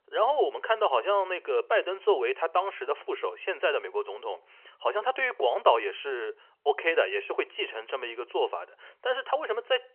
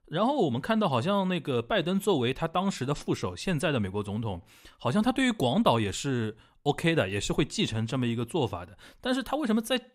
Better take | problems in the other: second | phone-call audio; nothing above 3 kHz

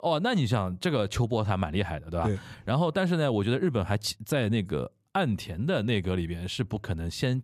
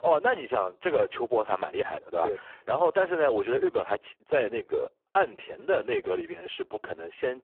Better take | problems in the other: first | phone-call audio; poor line

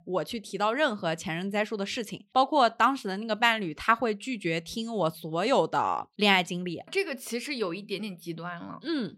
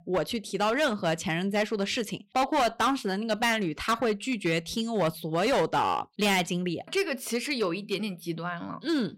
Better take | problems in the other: first | distortion; heavy; 8% of the sound clipped

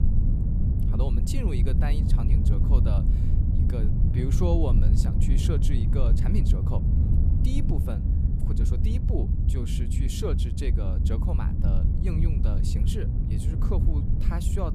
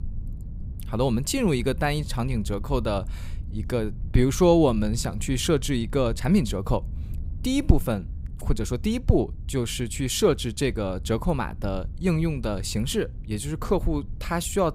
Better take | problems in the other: second | low rumble; loud; throughout; 1 dB below the speech; faint in the second

